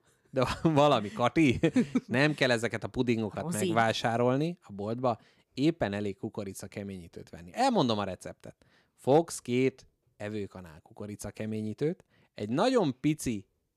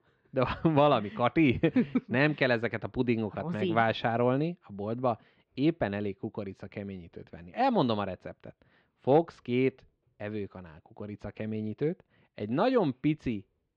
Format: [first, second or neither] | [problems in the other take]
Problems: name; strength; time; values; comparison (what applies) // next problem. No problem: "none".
first | muffled; slightly; fading above 3.5 kHz